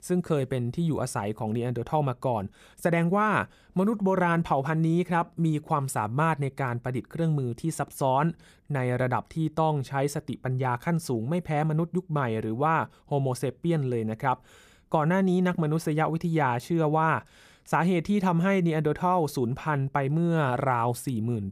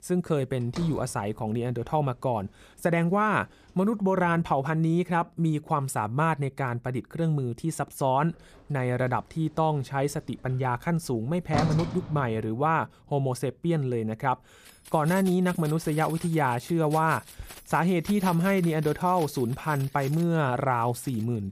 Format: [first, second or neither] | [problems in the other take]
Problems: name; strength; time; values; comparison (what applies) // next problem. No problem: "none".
first | household noises; noticeable; throughout; 15 dB below the speech